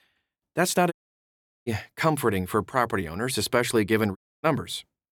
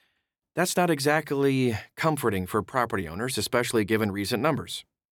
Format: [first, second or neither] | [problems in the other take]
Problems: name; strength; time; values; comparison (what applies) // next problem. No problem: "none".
second | audio cutting out; at 1 s for 0.5 s and at 4 s